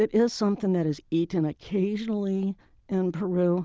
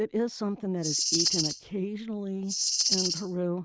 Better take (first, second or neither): first